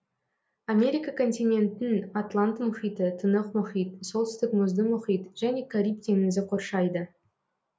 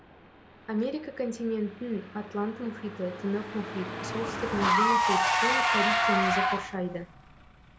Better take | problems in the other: first | background sound (Engine / Car); 3 dB above the speech

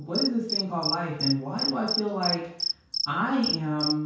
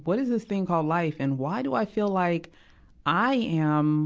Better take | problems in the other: second | background sound (Cricket); 3 dB below the speech // room echo; dies away in 0.5 s

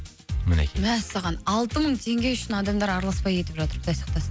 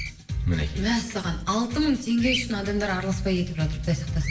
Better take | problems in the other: first | background sound (Bird vocalization, bird call, bird song); 14 dB below the speech // room echo; dies away in 0.7 s

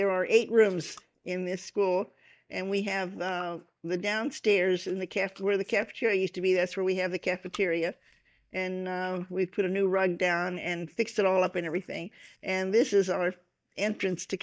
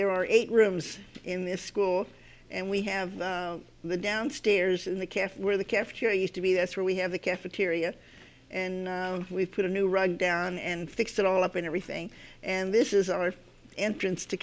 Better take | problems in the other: second | noise reduction (neural mask model DeepFilterNet 3)

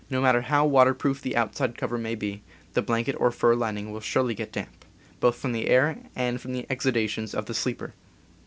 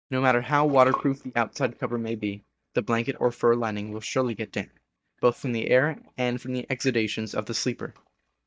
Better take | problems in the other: first | noise reduction (neural mask model DeepFilterNet 3)

